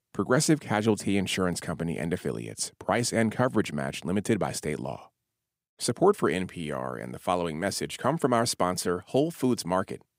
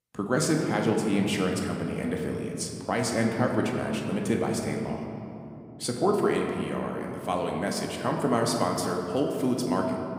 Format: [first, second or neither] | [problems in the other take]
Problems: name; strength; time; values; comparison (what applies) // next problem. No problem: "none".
first | room echo; noticeable; dies away in 2.4 s